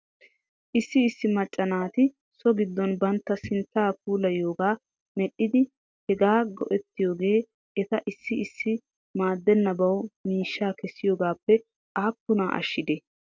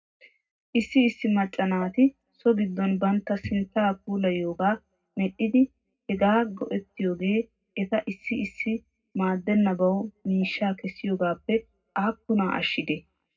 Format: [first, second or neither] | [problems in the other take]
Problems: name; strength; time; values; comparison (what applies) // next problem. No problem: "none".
first | room echo; dies away in 0.3 s